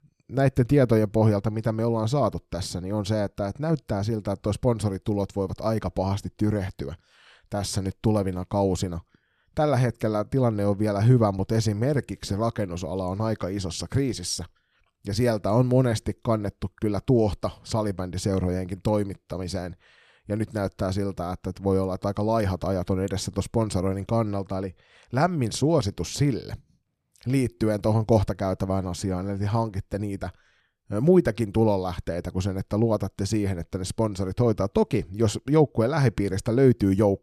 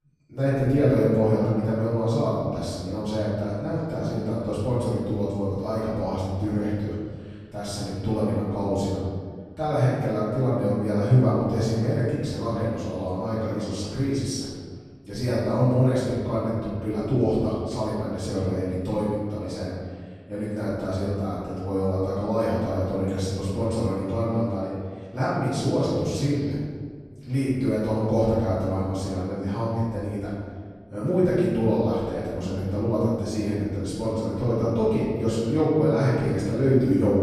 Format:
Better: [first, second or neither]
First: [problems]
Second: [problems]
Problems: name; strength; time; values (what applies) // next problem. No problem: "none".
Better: first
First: none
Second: off-mic speech; far // room echo; strong; dies away in 1.6 s